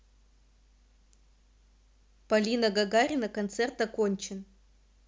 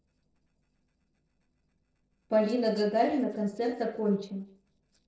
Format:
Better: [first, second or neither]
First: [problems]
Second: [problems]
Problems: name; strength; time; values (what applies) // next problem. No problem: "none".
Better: first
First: none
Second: noise reduction (neural separator model SepFormer DNS4)